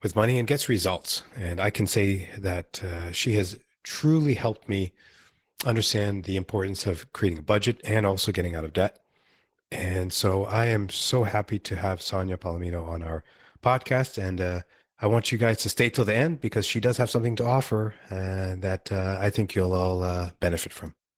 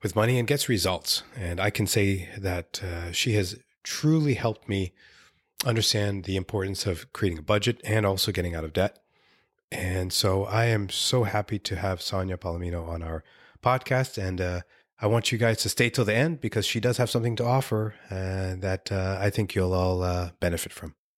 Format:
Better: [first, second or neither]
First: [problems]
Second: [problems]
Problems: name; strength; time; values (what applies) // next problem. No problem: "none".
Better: second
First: garbled, watery; slightly; nothing above 19 kHz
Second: none